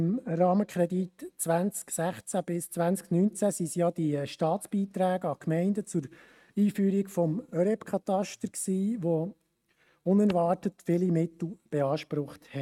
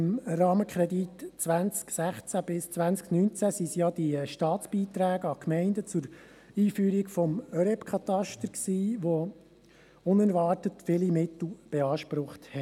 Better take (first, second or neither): second